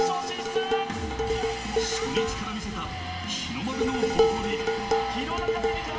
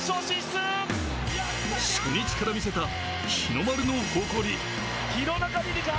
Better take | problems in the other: second | background sound (Dishes, pots, and pans); 3 dB above the speech // room echo; dies away in 2.9 s

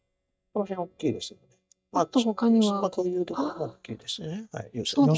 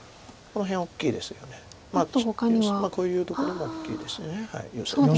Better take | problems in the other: second | noise reduction (neural mask model DeepFilterNet 3)

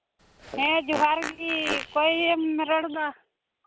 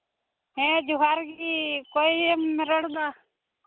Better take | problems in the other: second | background sound (Fart); 10 dB below the speech

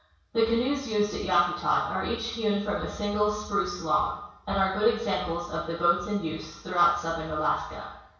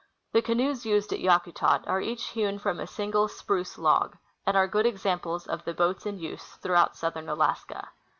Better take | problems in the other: second | room echo; dies away in 0.6 s

